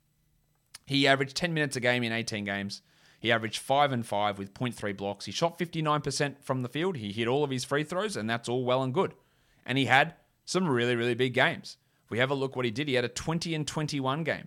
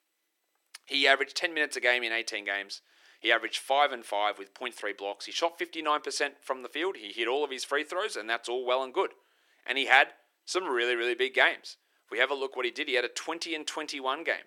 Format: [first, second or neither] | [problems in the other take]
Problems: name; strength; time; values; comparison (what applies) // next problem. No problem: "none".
first | thin; very; fading below 350 Hz